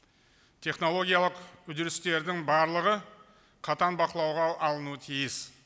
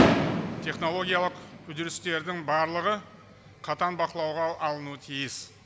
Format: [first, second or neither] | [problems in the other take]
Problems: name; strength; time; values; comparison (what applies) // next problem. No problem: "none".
first | background sound (Fireworks); 1 dB below the speech